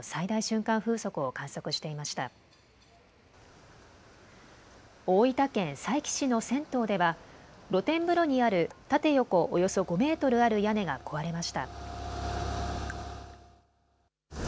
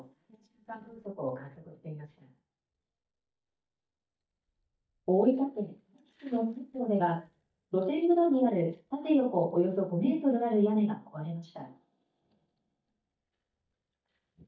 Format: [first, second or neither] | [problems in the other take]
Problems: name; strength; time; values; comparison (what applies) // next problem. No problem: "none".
first | noise reduction (neural mask model DeepFilterNet 3)